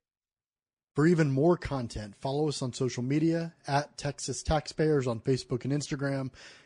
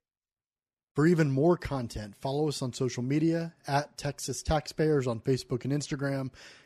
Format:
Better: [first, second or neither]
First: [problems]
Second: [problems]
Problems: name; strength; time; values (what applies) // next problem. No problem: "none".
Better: second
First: garbled, watery; slightly; nothing above 9 kHz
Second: none